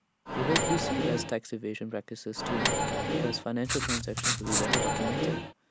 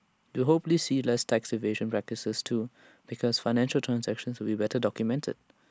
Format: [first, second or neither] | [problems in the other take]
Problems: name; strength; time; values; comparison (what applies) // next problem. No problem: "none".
second | background sound (Writing + Microwave oven); 5 dB above the speech